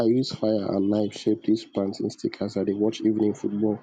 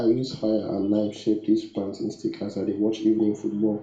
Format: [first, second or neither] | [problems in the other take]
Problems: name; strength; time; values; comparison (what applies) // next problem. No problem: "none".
first | room echo; dies away in 0.4 s